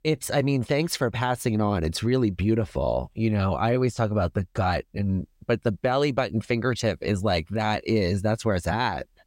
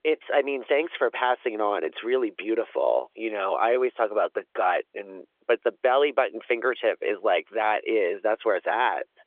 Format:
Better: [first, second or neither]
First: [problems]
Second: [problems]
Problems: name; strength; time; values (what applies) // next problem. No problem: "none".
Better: first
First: none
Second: phone-call audio; nothing above 3.5 kHz